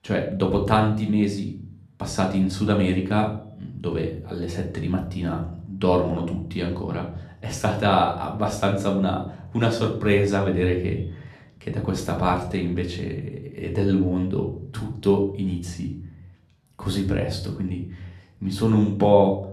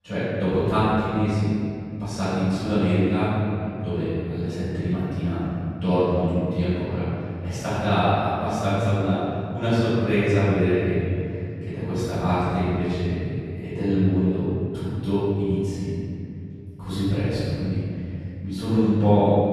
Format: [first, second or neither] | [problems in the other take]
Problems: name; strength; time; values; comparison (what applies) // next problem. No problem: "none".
first | room echo; strong; dies away in 2.8 s; slight in the first // off-mic speech; far; somewhat distant in the first